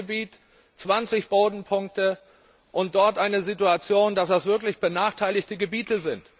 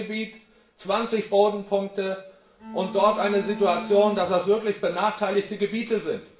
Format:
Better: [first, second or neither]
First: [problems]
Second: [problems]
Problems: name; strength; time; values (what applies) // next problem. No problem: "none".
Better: first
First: none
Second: background sound (Bowed string instrument); 11 dB below the speech // room echo; dies away in 0.5 s